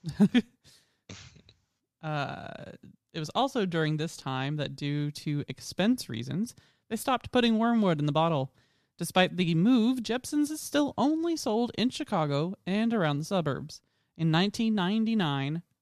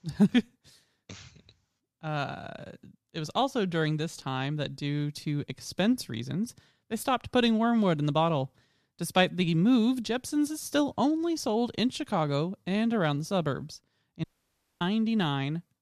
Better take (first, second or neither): first